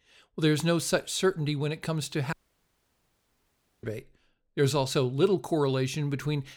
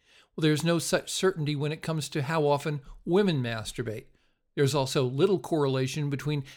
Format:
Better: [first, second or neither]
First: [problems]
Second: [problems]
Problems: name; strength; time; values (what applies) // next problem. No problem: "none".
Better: second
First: audio cutting out; at 2.5 s for 1.5 s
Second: none